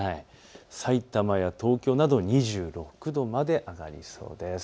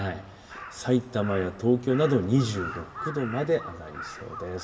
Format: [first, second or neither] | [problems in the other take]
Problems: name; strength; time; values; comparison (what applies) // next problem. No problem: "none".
first | background sound (Crow); 13 dB below the speech // room echo; dies away in 1.9 s